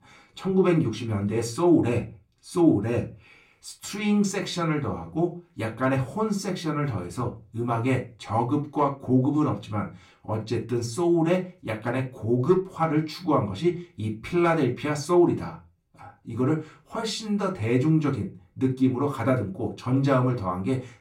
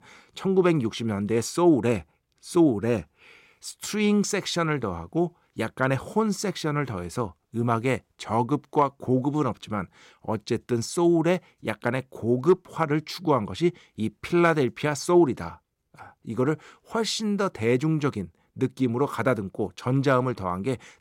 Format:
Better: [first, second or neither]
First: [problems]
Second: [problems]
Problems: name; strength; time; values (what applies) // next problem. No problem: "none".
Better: second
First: off-mic speech; far // room echo; very slight; dies away in 0.2 s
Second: none